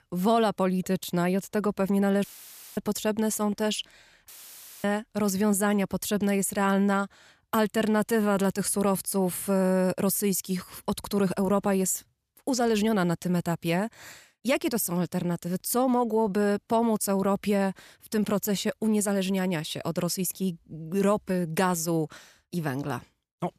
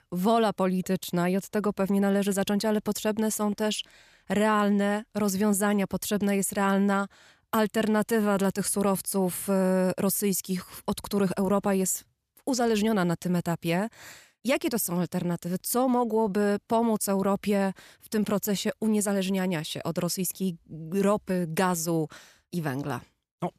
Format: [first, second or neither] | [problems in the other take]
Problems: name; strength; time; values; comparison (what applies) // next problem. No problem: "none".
second | audio cutting out; filled with static; at 2 s for 0.5 s and at 4.5 s for 0.5 s